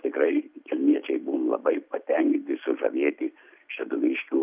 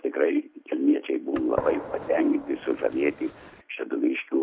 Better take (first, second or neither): first